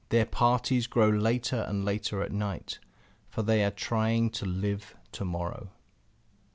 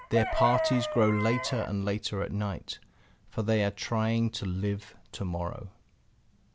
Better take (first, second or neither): first